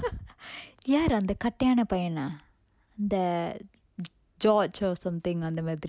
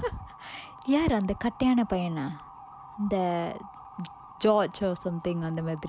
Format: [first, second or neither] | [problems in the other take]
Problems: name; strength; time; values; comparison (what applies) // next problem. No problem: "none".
first | background sound (Motor vehicle (road) / Siren); 18 dB below the speech